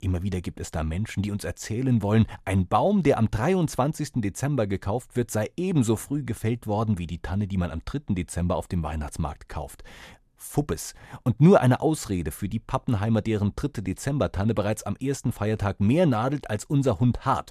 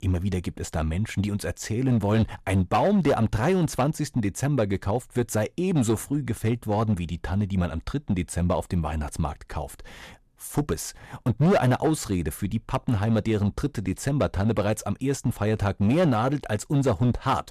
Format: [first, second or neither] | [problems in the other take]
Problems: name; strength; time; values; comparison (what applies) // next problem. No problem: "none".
first | distortion; slight; 5% of the sound clipped